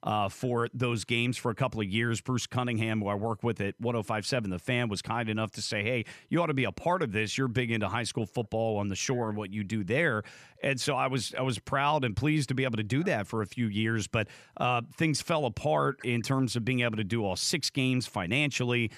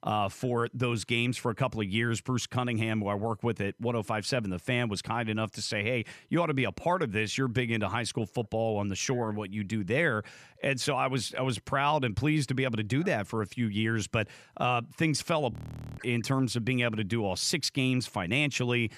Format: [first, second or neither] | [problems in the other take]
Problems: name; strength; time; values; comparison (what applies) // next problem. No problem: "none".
first | audio freezing; at 16 s